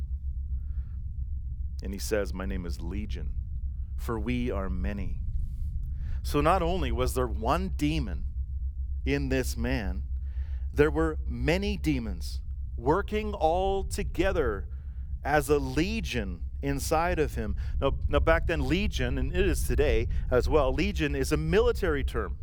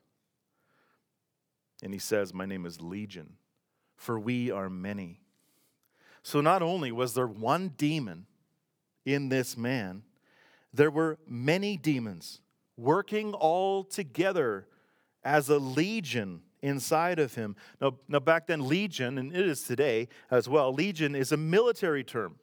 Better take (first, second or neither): second